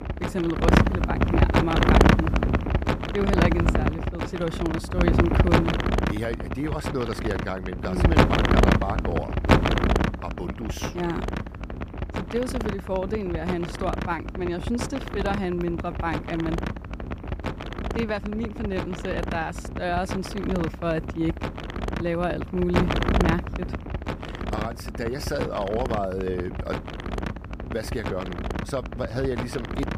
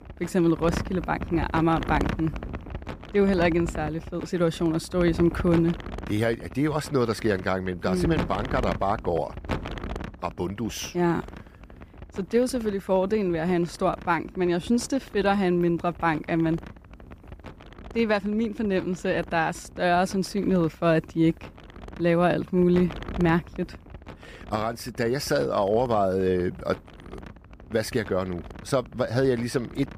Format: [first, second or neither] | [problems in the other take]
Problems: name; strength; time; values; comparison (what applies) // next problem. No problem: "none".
second | wind noise on the microphone; heavy; 2 dB above the speech; occasional gusts in the second